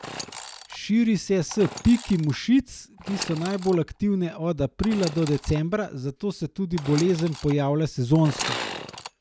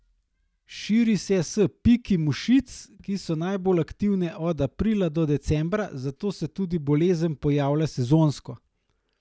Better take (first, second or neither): second